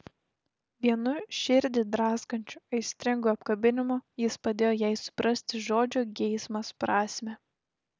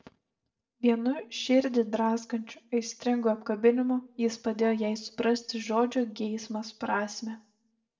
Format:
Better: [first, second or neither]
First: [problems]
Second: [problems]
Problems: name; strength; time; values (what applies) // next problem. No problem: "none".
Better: first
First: none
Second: noise reduction (neural separator model SepFormer DNS4)